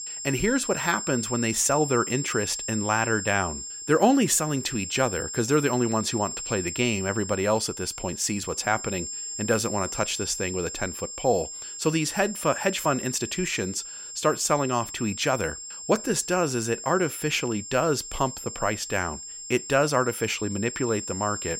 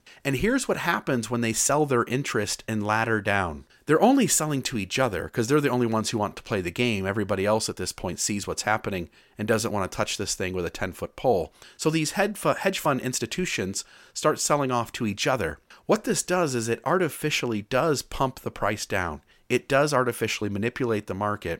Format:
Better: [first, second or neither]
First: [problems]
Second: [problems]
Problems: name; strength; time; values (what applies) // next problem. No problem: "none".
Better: second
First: high-pitched whine; loud; throughout; 7.5 kHz, 7 dB below the speech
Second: none